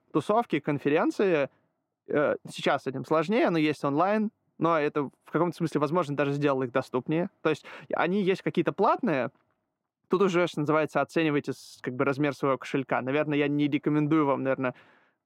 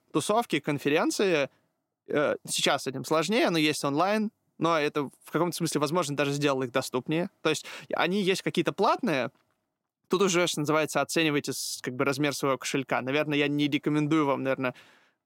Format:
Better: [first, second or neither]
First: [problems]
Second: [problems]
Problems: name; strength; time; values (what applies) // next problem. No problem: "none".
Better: second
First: muffled; slightly; fading above 3.5 kHz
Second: none